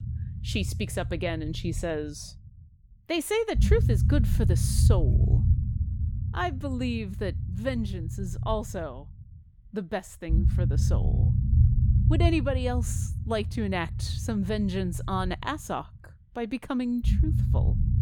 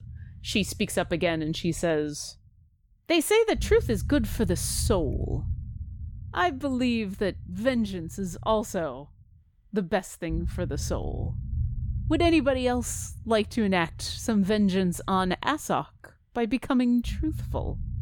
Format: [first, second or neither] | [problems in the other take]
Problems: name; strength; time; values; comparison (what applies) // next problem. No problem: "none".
second | low rumble; loud; throughout; 9 dB below the speech; faint in the second